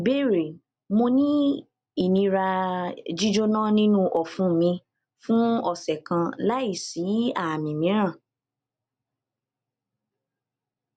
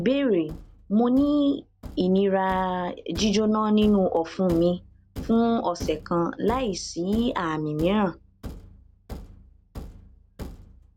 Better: first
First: none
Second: background sound (Thump, thud); 16 dB below the speech

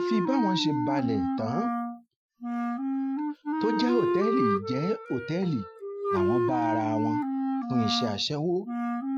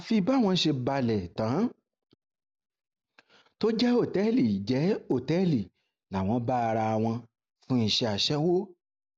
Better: second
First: noise reduction (classical method Wiener filter)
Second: none

